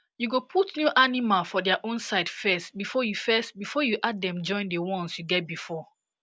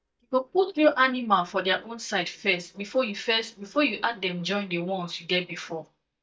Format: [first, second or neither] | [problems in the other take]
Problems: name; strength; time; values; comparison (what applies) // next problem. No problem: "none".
first | noise reduction (neural mask model DeepFilterNet 3)